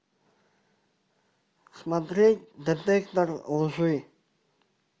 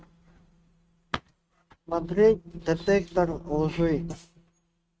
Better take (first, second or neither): first